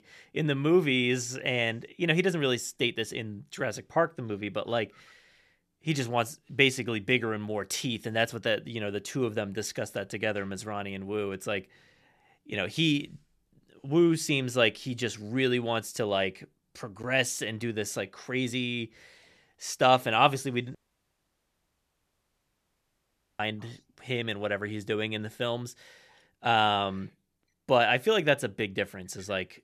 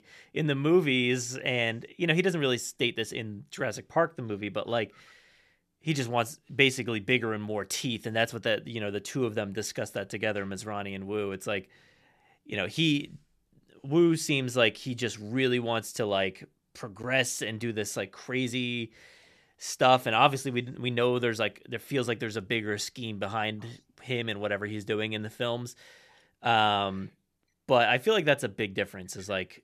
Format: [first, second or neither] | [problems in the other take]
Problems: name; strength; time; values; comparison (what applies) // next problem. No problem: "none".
second | audio cutting out; at 21 s for 2.5 s